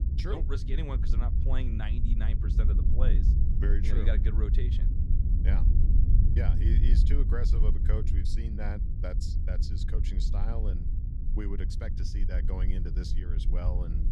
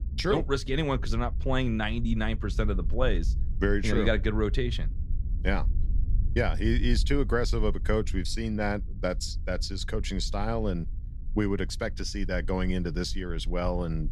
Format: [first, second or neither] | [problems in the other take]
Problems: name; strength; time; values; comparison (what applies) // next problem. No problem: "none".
second | low rumble; loud; throughout; 3 dB below the speech; faint in the second